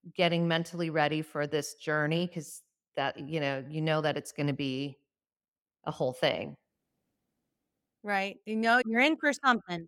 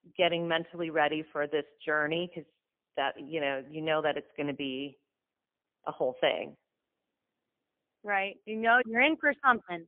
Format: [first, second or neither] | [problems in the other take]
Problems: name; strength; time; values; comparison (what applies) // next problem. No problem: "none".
first | phone-call audio; poor line; nothing above 3 kHz